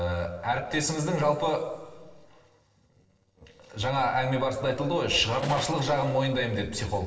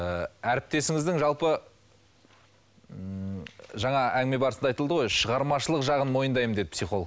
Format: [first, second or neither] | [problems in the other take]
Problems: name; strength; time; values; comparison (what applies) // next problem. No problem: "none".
second | noise reduction (neural separator model SepFormer DNS4)